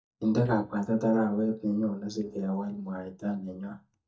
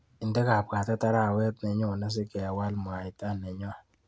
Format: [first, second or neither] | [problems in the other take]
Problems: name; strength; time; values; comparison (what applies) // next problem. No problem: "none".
second | noise reduction (neural mask model DeepFilterNet 3)